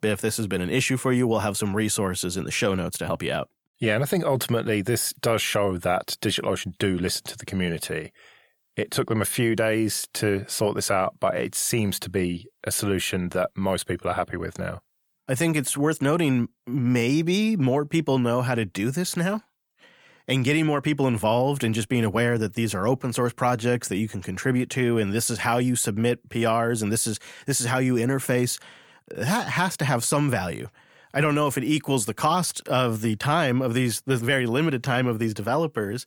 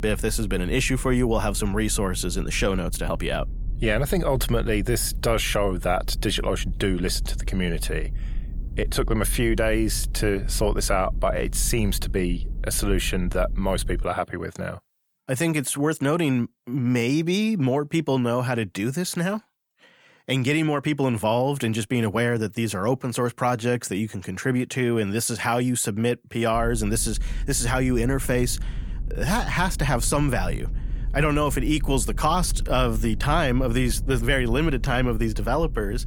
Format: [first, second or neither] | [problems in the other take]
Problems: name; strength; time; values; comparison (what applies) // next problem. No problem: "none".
first | low rumble; faint; until 14 s and from 27 s on; 25 dB below the speech